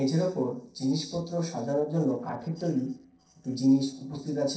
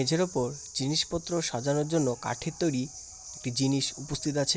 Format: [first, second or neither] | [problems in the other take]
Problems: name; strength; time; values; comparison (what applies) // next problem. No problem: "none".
second | noise reduction (neural separator model SepFormer DNS4)